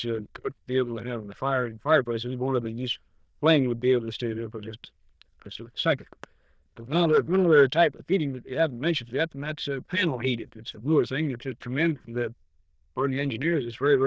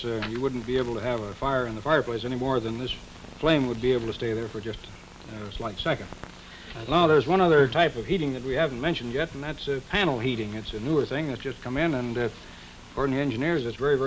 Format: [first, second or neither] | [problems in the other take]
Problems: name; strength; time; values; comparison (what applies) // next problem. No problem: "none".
second | noise reduction (neural diffusion model UNIVERSE++)